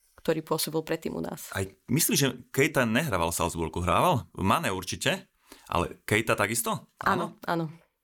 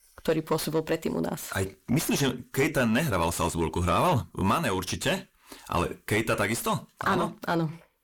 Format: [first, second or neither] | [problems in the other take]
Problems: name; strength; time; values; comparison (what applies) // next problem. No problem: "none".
first | distortion; heavy; 7 dB below the speech